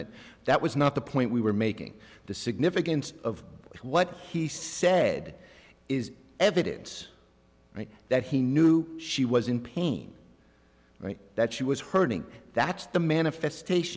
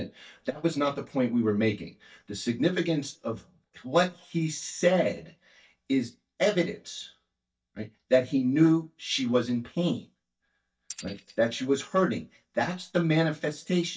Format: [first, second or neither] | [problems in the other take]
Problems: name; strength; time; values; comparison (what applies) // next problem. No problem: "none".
first | noise reduction (neural mask model DeepFilterNet 3)